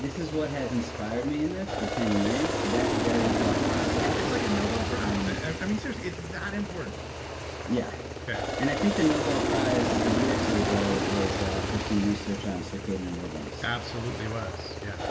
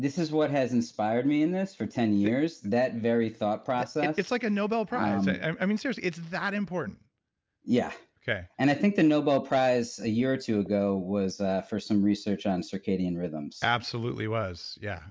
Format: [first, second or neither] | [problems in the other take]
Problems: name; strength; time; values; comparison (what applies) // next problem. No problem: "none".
second | background sound (Aircraft); 1 dB above the speech // room echo; dies away in 1.5 s